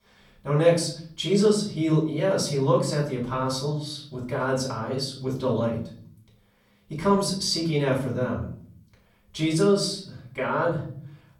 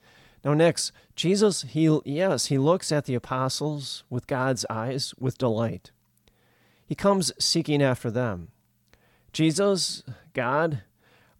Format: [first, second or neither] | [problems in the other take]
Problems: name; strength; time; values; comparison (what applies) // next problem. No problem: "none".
second | off-mic speech; far // room echo; slight; dies away in 0.5 s